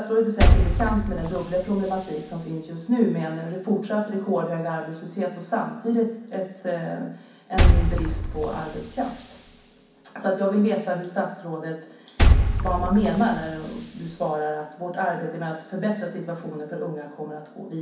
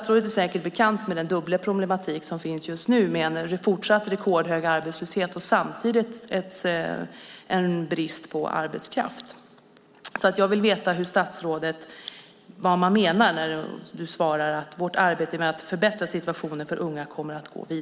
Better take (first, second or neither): second